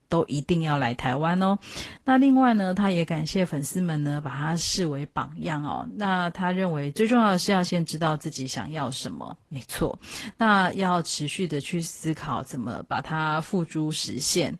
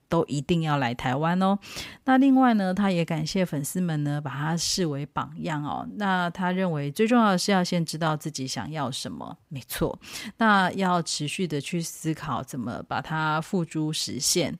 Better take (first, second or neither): second